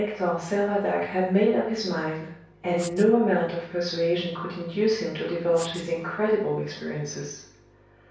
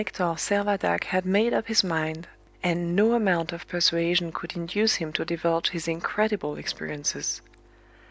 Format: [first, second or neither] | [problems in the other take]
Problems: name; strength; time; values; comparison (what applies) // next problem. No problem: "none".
second | background sound (Writing); 17 dB below the speech // room echo; dies away in 0.6 s